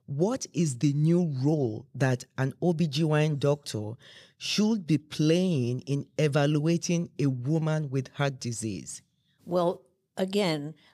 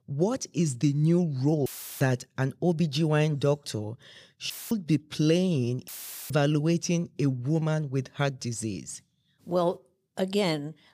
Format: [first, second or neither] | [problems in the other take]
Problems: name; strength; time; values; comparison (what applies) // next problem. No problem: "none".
first | audio cutting out; filled with static; at 1.5 s, at 4.5 s and at 6 s